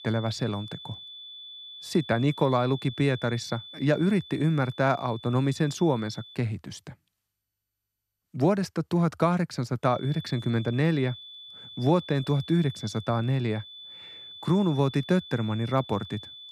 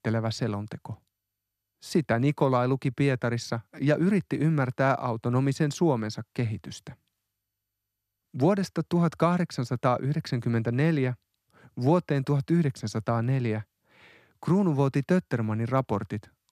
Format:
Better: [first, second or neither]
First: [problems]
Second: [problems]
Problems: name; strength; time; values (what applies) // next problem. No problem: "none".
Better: second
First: high-pitched whine; noticeable; until 6.5 s and from 10 s on; 3.5 kHz, 15 dB below the speech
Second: none